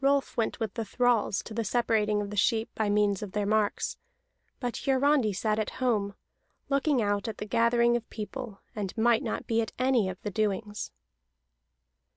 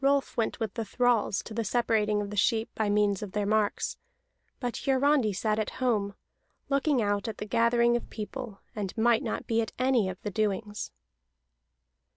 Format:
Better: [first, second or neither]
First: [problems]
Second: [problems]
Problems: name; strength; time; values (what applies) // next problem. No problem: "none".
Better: first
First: none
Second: background sound (Bass drum); 16 dB below the speech